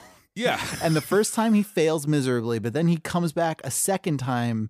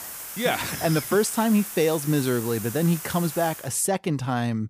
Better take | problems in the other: first | hiss; loud; until 3.5 s; 10 dB below the speech

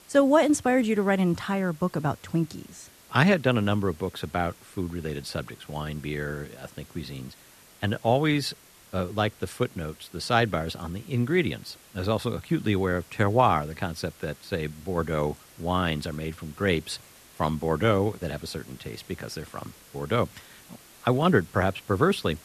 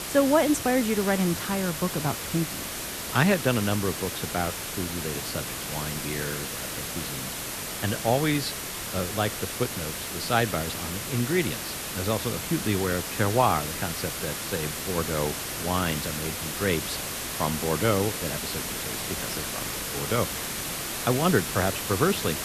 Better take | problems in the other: first | hiss; loud; throughout; 3 dB below the speech; faint in the first

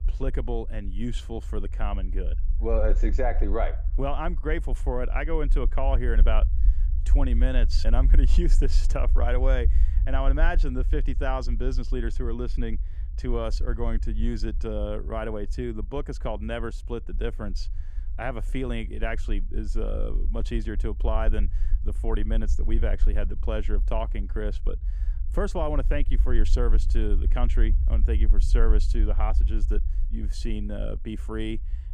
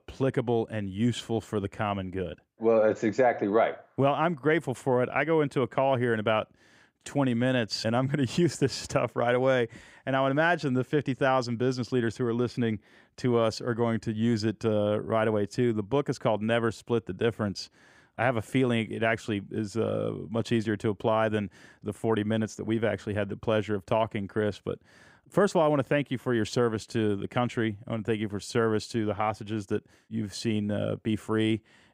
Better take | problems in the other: second | low rumble; noticeable; throughout; 15 dB below the speech

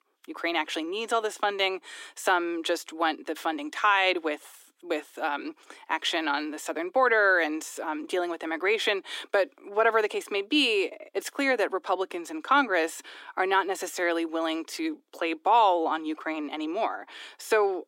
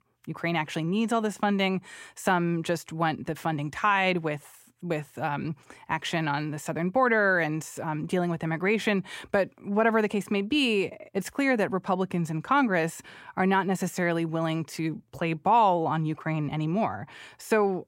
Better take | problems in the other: second | thin; somewhat; fading below 300 Hz

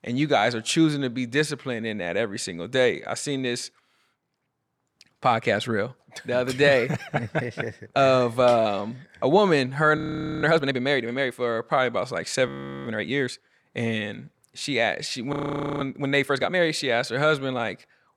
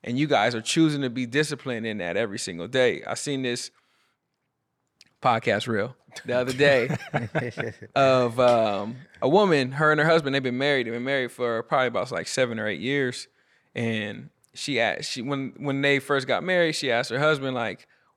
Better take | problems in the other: second | audio freezing; at 10 s, at 12 s and at 15 s

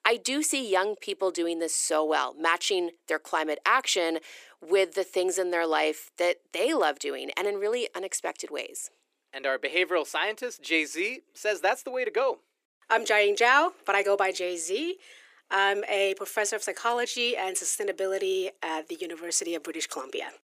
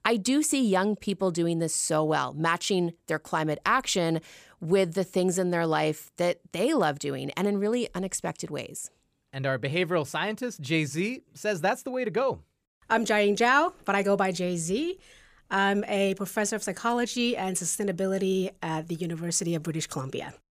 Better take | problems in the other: second | thin; very; fading below 300 Hz

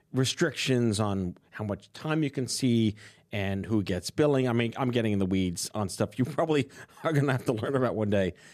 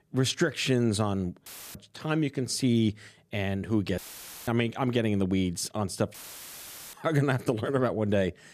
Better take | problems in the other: first | audio cutting out; filled with static; at 1.5 s, at 4 s and at 6 s for 1 s

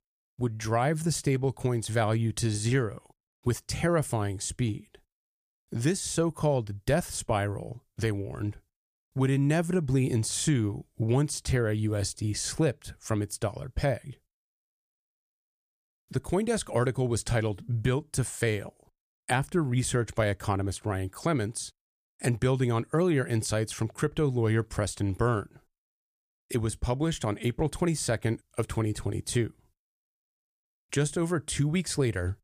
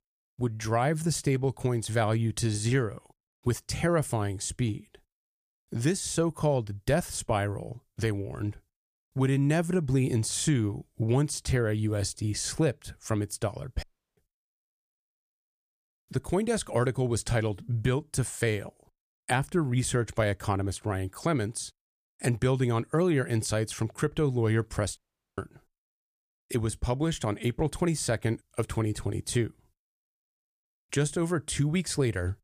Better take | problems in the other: first | audio cutting out; at 14 s and at 25 s

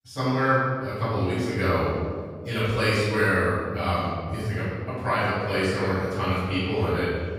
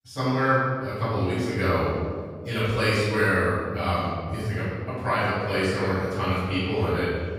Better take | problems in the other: neither | off-mic speech; far; the same in both // room echo; strong; dies away in 2 s; the same in both

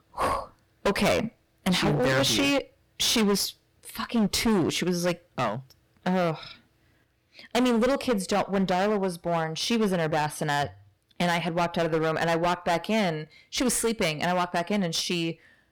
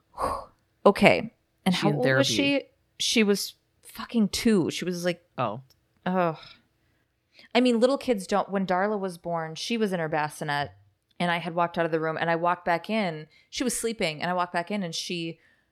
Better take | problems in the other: second | distortion; heavy; 16% of the sound clipped

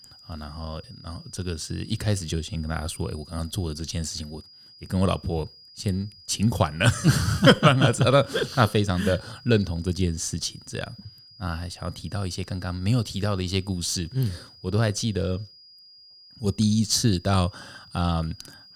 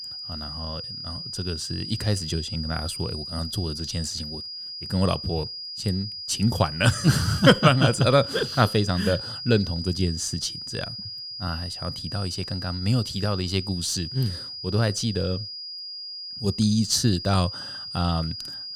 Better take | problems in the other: first | high-pitched whine; loud; throughout; 5 kHz, 8 dB below the speech; faint in the first

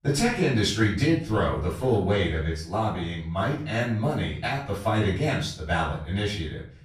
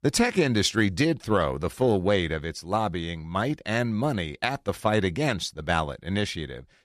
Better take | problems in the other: second | off-mic speech; far // room echo; noticeable; dies away in 0.5 s

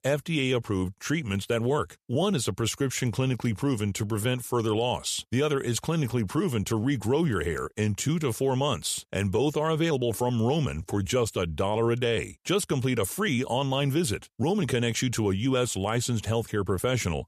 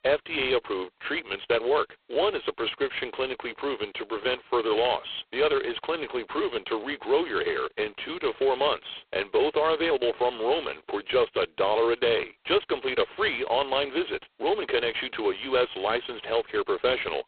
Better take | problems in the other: first | phone-call audio; poor line

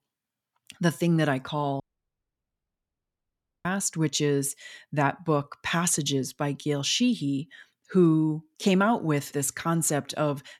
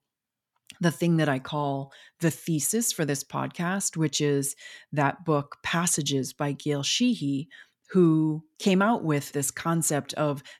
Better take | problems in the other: second | audio cutting out; at 2 s for 2 s

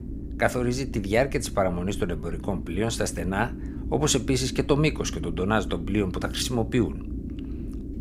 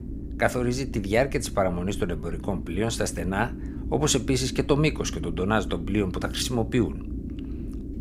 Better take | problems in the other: neither | low rumble; noticeable; throughout; 15 dB below the speech; the same in both

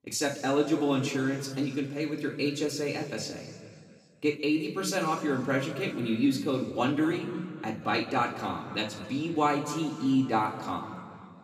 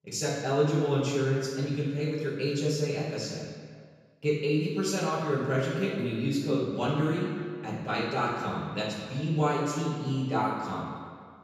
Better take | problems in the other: first | room echo; strong; dies away in 1.8 s; slight in the first // off-mic speech; far; far in the first

